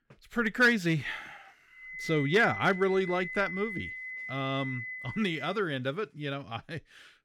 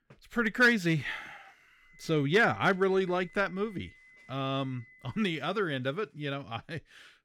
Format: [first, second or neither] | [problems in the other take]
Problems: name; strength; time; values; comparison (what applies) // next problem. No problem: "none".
second | high-pitched whine; loud; from 2 to 5.5 s; 2 kHz, 8 dB below the speech; faint in the second